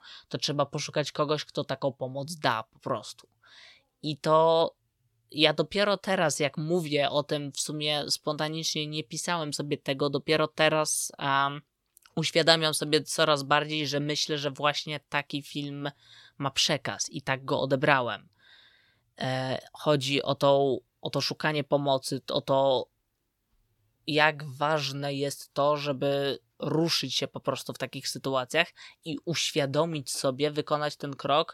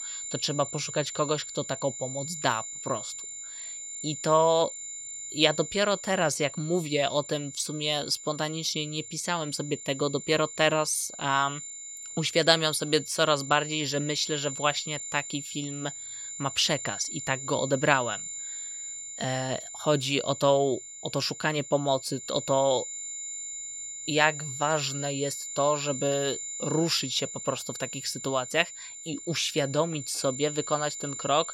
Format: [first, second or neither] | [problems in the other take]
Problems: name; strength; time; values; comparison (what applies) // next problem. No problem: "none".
first | high-pitched whine; loud; throughout; 7 kHz, 8 dB below the speech